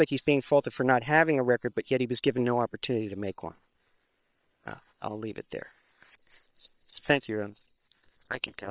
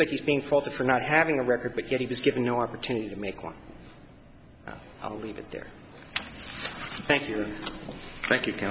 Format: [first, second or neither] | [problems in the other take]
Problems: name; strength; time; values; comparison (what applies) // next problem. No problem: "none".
second | noise reduction (neural separator model SepFormer WHAM!)